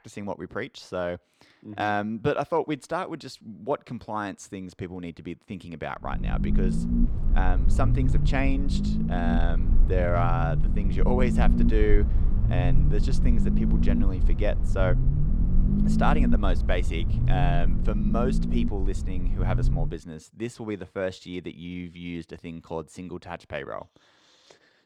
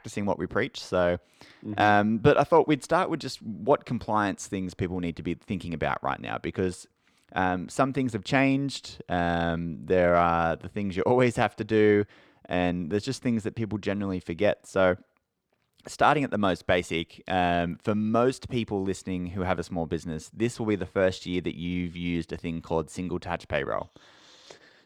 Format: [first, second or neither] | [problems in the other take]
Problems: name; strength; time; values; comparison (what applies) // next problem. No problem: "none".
second | low rumble; loud; from 6 to 20 s; 5 dB below the speech